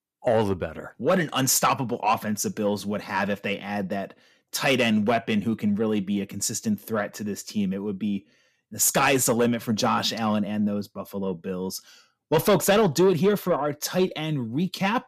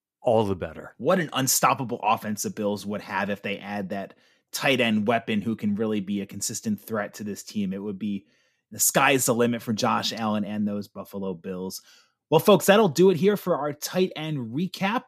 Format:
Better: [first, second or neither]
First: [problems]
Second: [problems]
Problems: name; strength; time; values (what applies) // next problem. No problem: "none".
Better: second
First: distortion; slight; 10 dB below the speech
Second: none